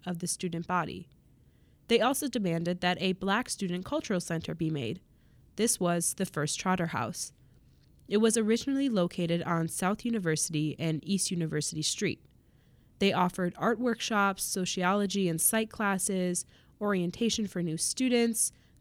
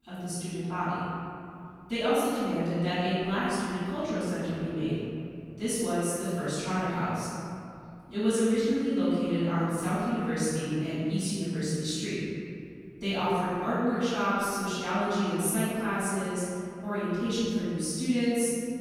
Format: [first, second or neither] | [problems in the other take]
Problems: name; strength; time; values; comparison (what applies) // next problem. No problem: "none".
first | off-mic speech; far // room echo; strong; dies away in 2.4 s